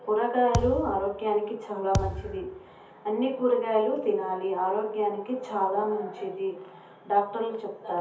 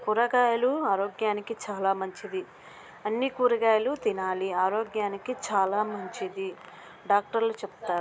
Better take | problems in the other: second | background sound (Thump, thud); 6 dB below the speech // room echo; dies away in 0.5 s

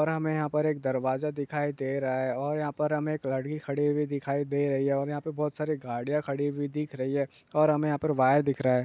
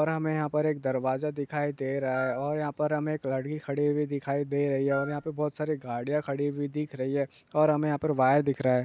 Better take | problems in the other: first | background sound (Wind instrument, woodwind instrument); 13 dB below the speech

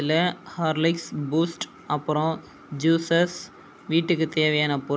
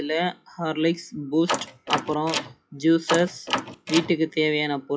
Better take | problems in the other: first | noise reduction (classical method WPE with log-MMSE)

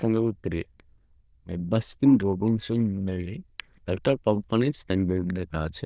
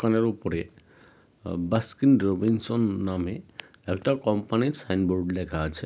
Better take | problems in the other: second | noise reduction (neural diffusion model UNIVERSE++)

